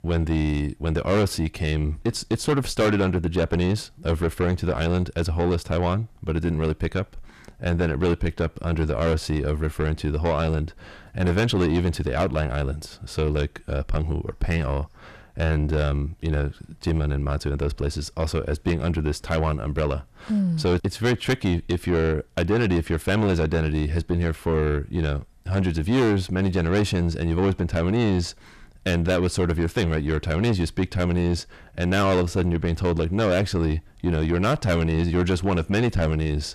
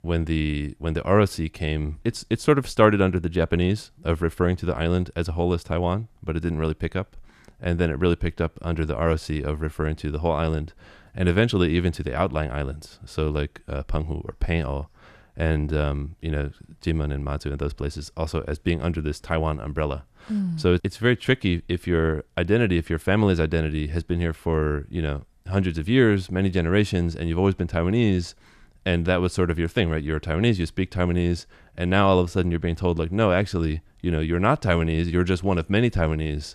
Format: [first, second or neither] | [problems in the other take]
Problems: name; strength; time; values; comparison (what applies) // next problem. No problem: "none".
second | distortion; heavy; 7 dB below the speech